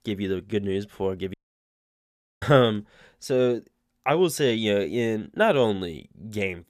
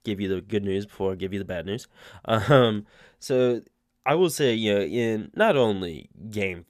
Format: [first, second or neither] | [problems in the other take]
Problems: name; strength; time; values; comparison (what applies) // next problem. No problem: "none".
second | audio cutting out; at 1.5 s for 1 s